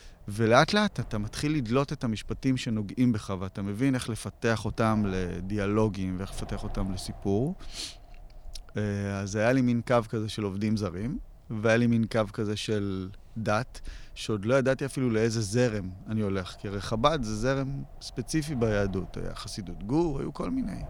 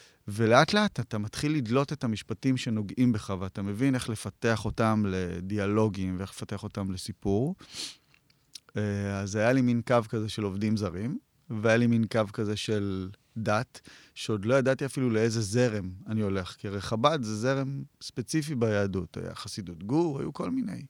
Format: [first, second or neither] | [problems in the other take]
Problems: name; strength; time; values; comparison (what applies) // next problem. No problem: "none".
second | wind noise on the microphone; occasional gusts; 25 dB below the speech